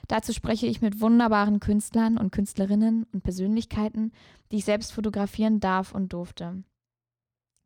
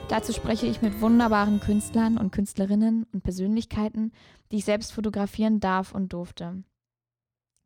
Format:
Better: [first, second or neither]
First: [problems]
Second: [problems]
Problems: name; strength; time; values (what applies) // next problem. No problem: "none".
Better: first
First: none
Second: background music; very faint; until 2 s; 15 dB below the speech